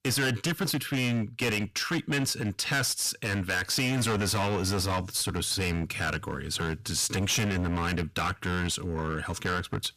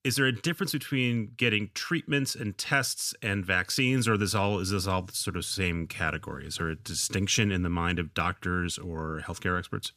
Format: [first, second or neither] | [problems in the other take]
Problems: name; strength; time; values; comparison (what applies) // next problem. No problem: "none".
second | distortion; heavy; 17% of the sound clipped